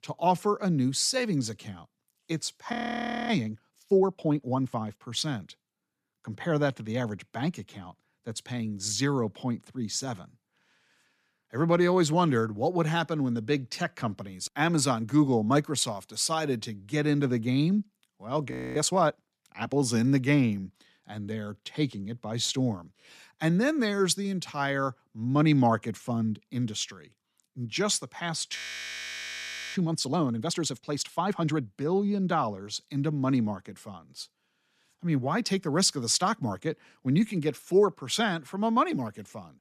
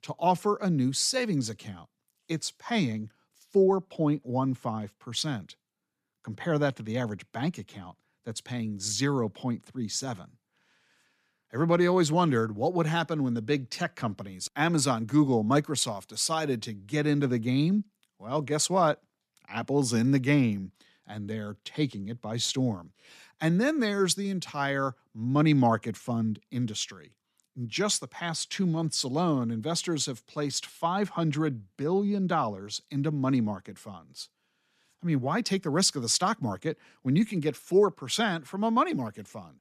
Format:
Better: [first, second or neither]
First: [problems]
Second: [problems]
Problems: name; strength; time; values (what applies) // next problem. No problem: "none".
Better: second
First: audio freezing; at 2.5 s for 0.5 s, at 19 s and at 29 s for 1 s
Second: none